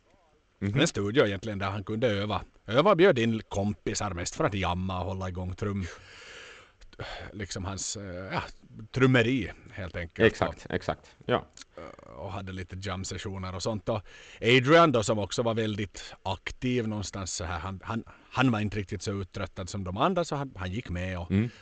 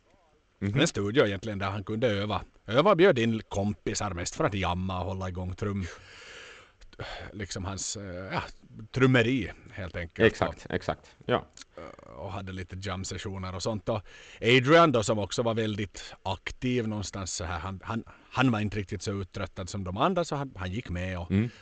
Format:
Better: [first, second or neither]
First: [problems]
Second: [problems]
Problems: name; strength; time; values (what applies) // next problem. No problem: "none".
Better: neither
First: garbled, watery; slightly; nothing above 8 kHz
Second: garbled, watery; slightly; nothing above 8 kHz